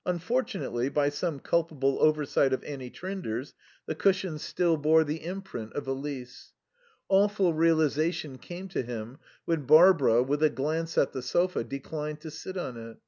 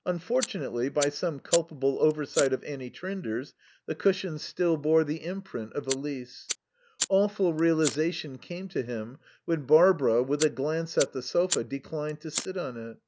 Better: first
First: none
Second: background sound (Fire); 10 dB below the speech

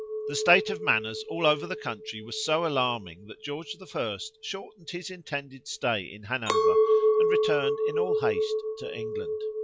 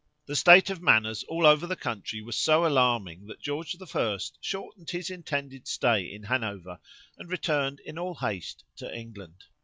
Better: second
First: background sound (Chink, clink); 2 dB above the speech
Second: none

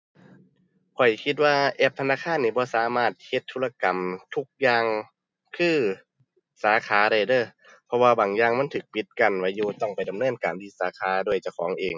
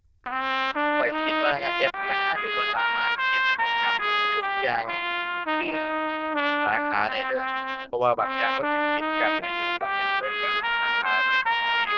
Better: first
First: none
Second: noise reduction (neural diffusion model UNIVERSE++)

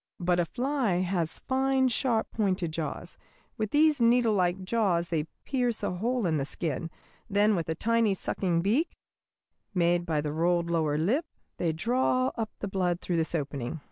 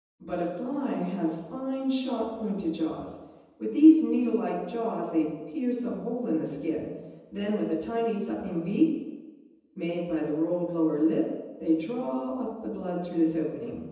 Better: first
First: none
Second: room echo; dies away in 1.1 s

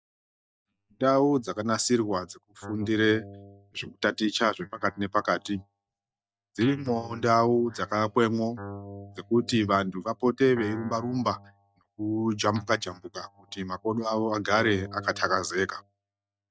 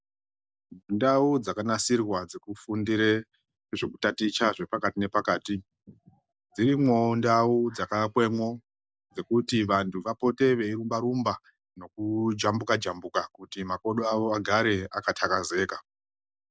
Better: second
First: noise reduction (neural mask model DeepFilterNet 3)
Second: none

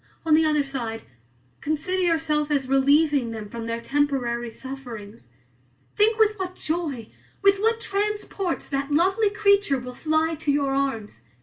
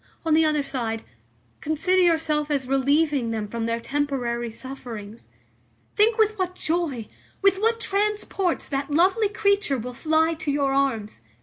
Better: second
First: room echo; dies away in 0.2 s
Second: none

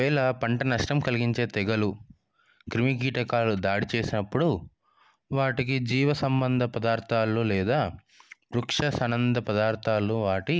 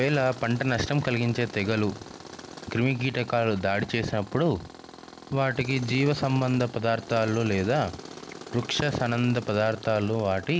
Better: first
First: none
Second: background sound (Tools); 16 dB below the speech

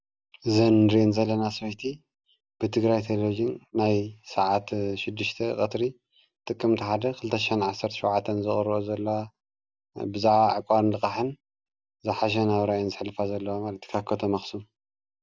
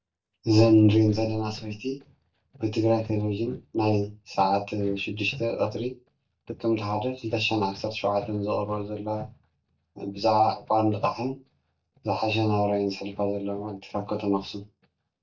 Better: first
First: none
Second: noise reduction (neural mask model DeepFilterNet 3)

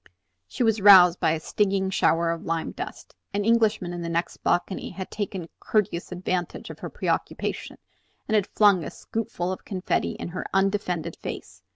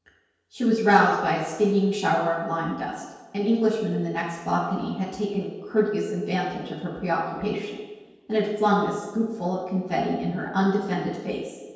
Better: first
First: none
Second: room echo; dies away in 1.2 s

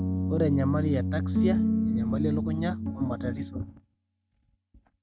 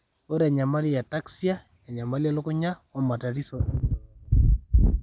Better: second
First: noise reduction (neural mask model RNNoise)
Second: none

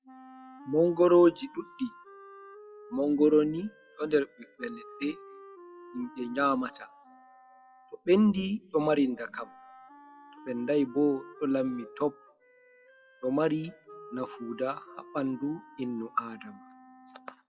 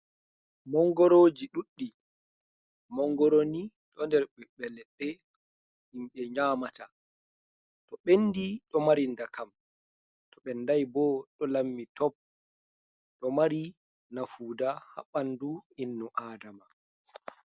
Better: second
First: noise reduction (classical method WPE with log-MMSE)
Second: none

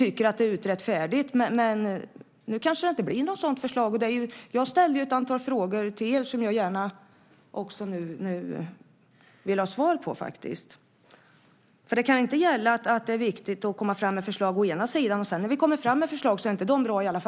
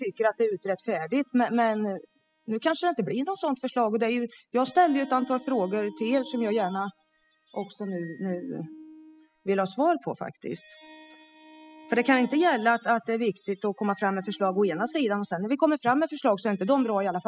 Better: first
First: none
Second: noise reduction (classical method spectral subtraction)

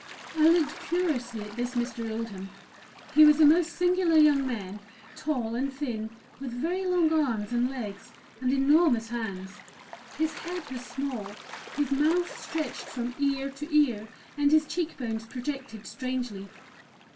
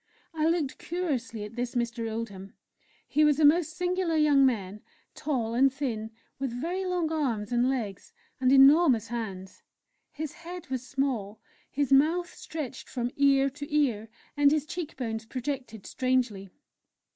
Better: second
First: background sound (Gull, seagull / Waves, surf); 18 dB below the speech // room echo; dies away in 0.2 s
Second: none

